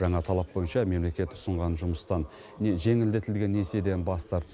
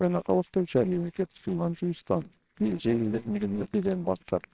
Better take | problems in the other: first | noise reduction (neural separator model SepFormer WHAMR!)

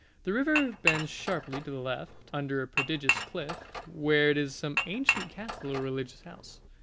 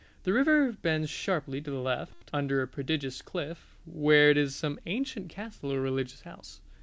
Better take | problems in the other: second | background sound (Dishes, pots, and pans / Chink, clink); 2 dB below the speech

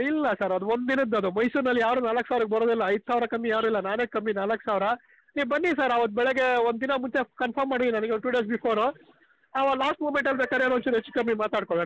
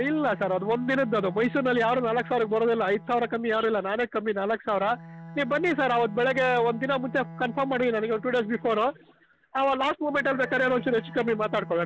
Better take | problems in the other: first | background sound (Bowed string instrument); 17 dB below the speech

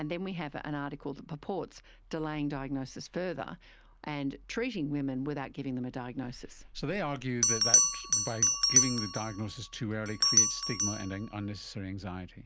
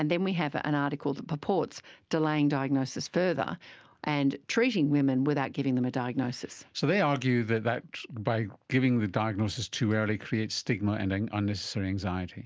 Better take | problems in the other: second | background sound (Bell); 2 dB above the speech

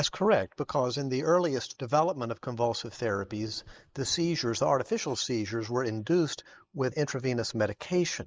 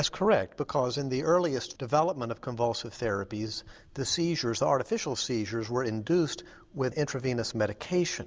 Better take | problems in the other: second | noise reduction (neural mask model Resemble Enhance denoiser)

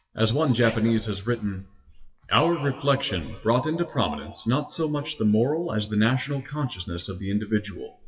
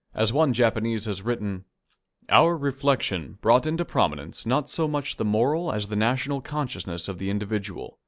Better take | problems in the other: second | noise reduction (classical method WPE with log-MMSE)

